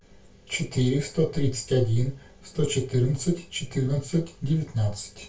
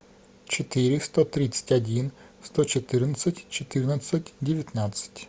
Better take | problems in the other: second | room echo; dies away in 0.2 s

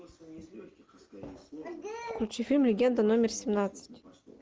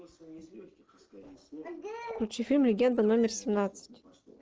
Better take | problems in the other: first | noise reduction (neural separator model SepFormer DNS4)

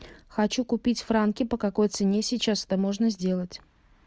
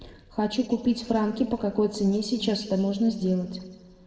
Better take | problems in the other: first | room echo; dies away in 1.3 s

